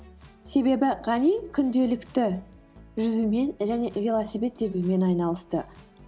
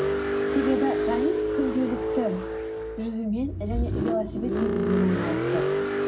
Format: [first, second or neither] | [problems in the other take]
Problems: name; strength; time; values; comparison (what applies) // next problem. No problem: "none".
first | background sound (Car); 2 dB above the speech // room echo; dies away in 0.4 s